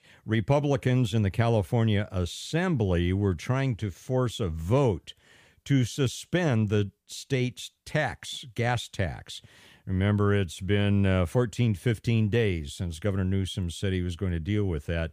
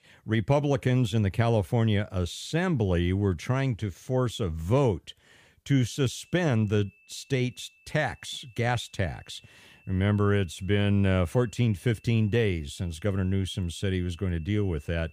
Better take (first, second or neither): first